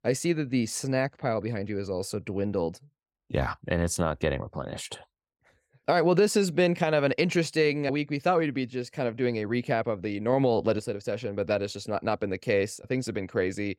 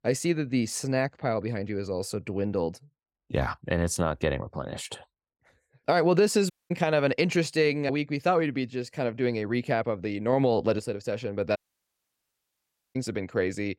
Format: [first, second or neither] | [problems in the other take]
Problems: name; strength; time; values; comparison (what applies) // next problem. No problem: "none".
first | audio cutting out; at 6.5 s and at 12 s for 1.5 s